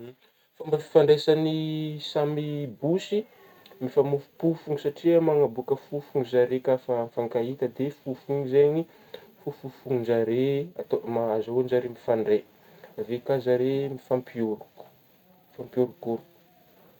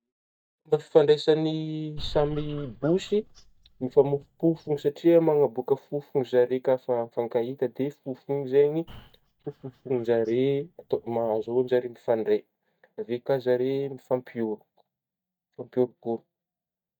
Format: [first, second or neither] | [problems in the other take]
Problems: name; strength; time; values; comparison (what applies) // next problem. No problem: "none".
first | noise reduction (neural mask model DeepFilterNet 3)